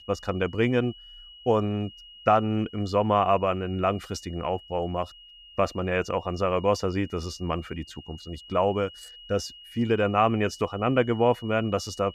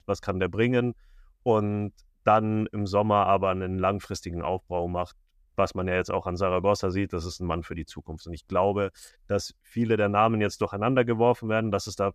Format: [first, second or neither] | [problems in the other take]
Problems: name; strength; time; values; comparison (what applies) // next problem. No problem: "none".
second | high-pitched whine; noticeable; throughout; 3 kHz, 20 dB below the speech